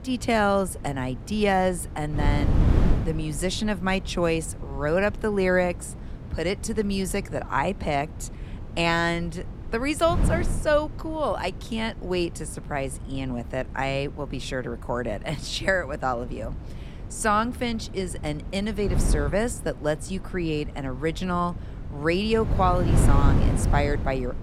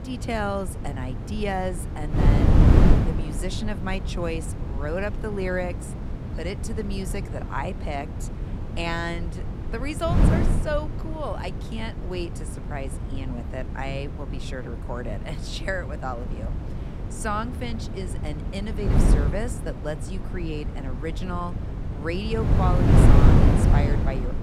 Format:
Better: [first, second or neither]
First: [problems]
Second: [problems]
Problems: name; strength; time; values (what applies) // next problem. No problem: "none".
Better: first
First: wind noise on the microphone; occasional gusts; 15 dB below the speech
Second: wind noise on the microphone; heavy; 2 dB below the speech